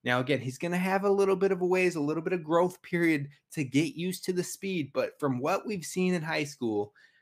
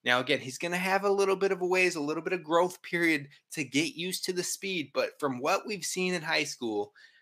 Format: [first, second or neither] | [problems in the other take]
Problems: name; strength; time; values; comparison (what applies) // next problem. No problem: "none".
first | thin; very slightly; fading below 450 Hz